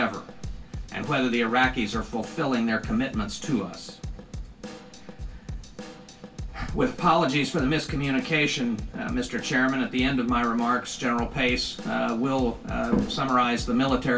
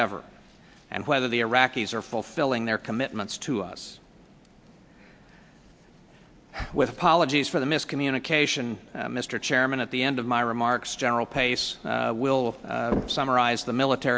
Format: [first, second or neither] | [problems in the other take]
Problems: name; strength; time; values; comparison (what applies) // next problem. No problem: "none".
second | background sound (Drum / Drum kit); 12 dB below the speech // room echo; dies away in 0.2 s